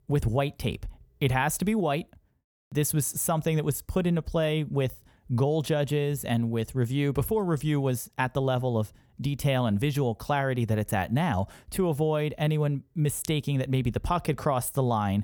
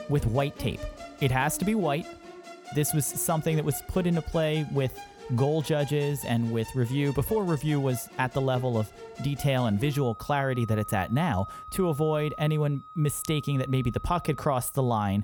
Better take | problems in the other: first | background music; noticeable; throughout; 15 dB below the speech

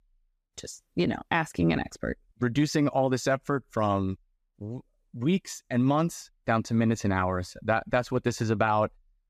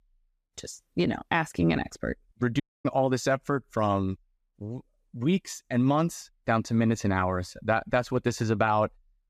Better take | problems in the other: first | audio cutting out; at 2.5 s

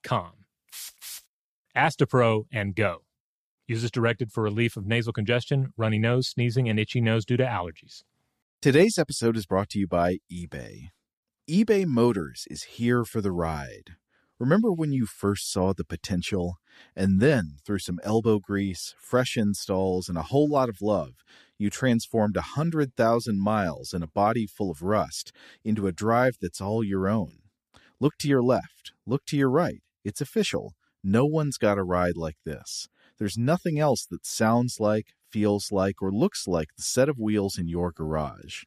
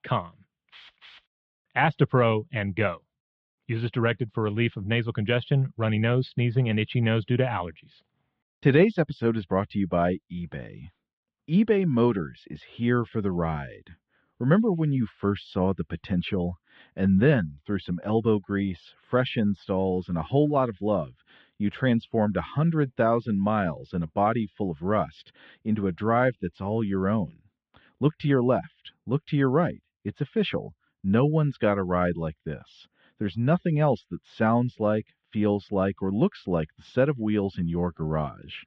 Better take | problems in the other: first | muffled; very; fading above 3.5 kHz

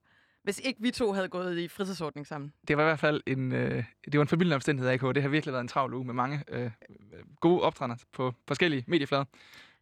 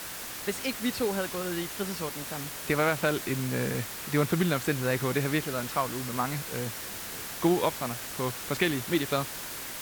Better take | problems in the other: first | hiss; loud; throughout; 5 dB below the speech

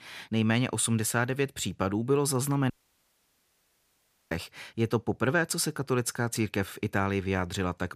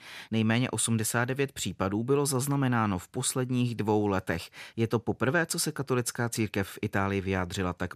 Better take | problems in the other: second | audio cutting out; at 2.5 s for 1.5 s

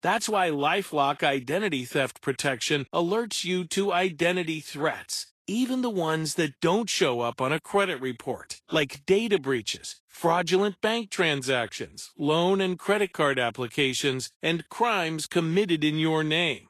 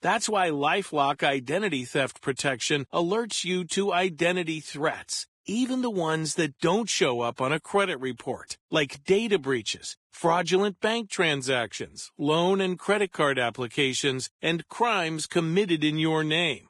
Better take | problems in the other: first | garbled, watery; badly; nothing above 10 kHz; slightly in the first

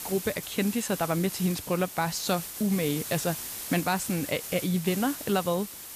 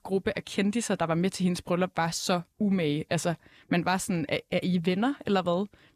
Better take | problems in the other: second | hiss; loud; throughout; 7 dB below the speech

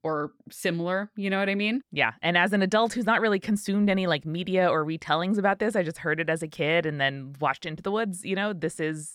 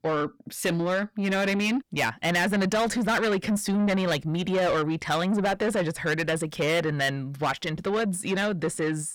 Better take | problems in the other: first | distortion; heavy; 8 dB below the speech

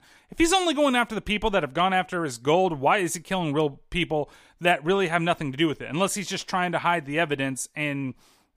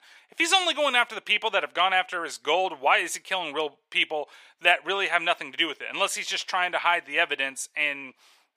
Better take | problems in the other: first | thin; very; fading below 550 Hz

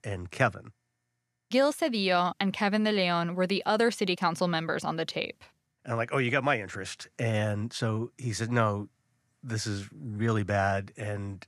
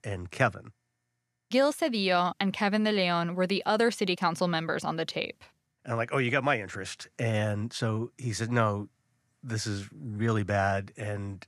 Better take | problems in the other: neither | none

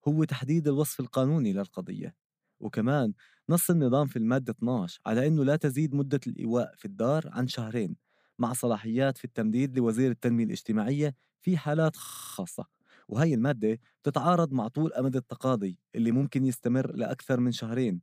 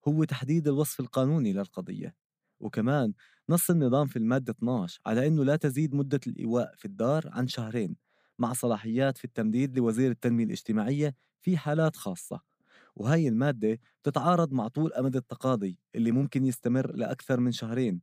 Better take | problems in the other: second | audio freezing; at 12 s

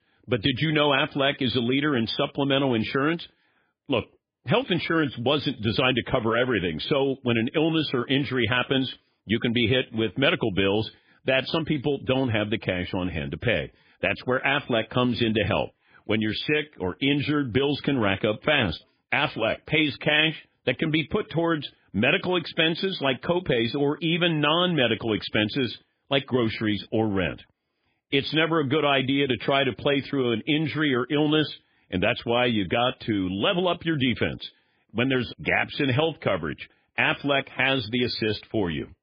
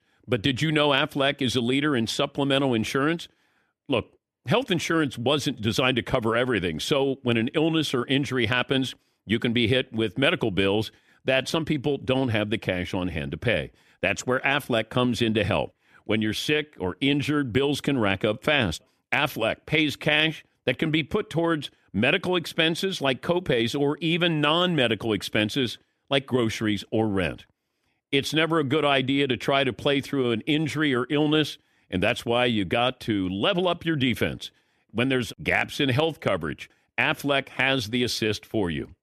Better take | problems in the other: second | garbled, watery; badly

